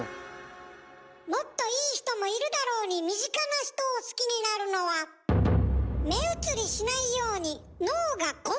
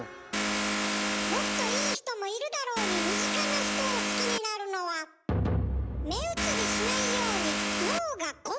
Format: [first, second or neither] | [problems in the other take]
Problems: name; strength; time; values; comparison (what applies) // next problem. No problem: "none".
first | background sound (Vehicle); 4 dB above the speech